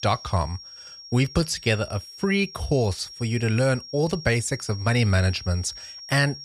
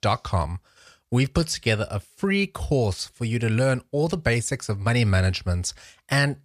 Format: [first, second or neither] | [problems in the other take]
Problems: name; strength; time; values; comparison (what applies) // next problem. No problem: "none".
second | high-pitched whine; noticeable; throughout; 5.5 kHz, 15 dB below the speech